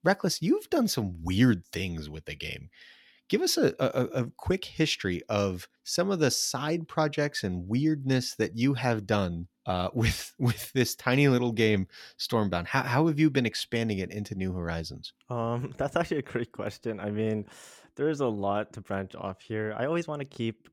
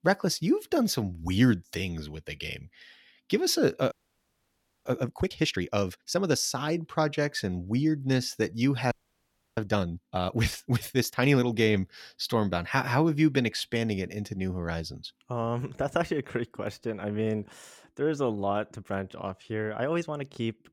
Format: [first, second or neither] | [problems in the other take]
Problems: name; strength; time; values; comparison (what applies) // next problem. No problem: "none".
first | audio freezing; at 4 s for 1 s and at 9 s for 0.5 s